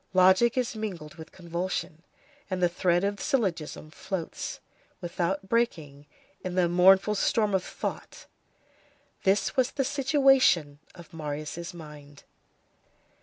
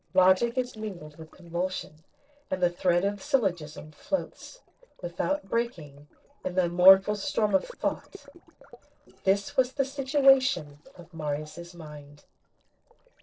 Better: first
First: none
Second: noise reduction (neural separator model SepFormer DNS4)

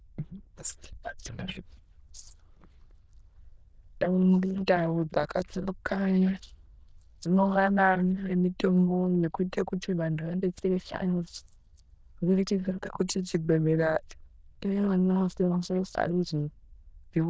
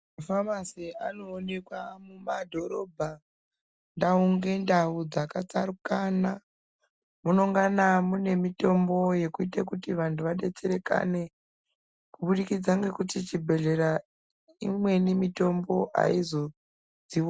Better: second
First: noise reduction (neural diffusion model UNIVERSE++)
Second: none

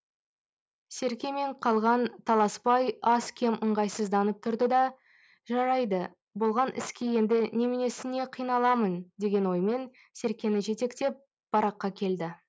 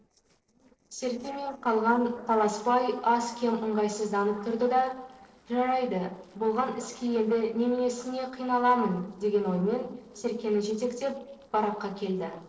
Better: first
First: none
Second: noise reduction (neural separator model SepFormer DNS4)

